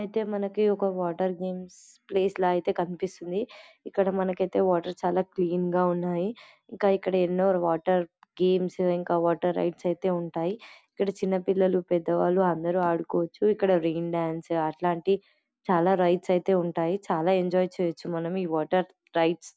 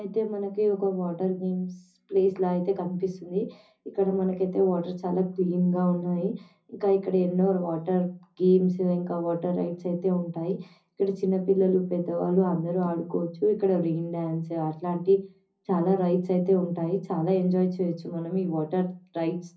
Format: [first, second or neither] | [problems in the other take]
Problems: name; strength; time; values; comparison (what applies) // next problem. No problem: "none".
first | room echo; dies away in 0.5 s